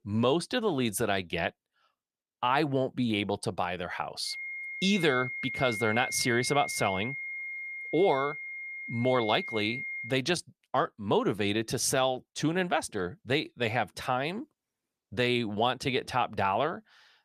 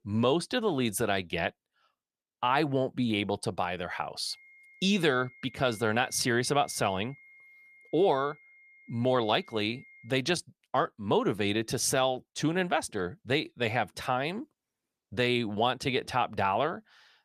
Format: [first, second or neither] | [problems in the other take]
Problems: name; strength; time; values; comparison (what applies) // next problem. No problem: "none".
second | high-pitched whine; loud; from 4.5 to 10 s; 2 kHz, 6 dB below the speech; faint in the second